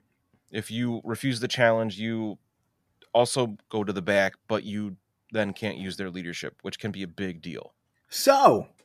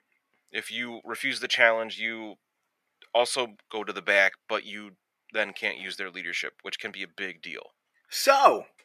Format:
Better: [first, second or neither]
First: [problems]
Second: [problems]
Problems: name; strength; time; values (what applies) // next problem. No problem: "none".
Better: first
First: none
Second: thin; somewhat; fading below 400 Hz